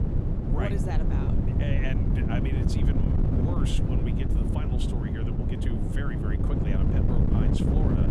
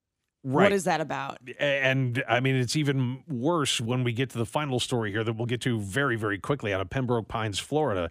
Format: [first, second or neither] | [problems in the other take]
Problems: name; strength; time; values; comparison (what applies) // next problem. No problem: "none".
second | wind noise on the microphone; heavy; 3 dB above the speech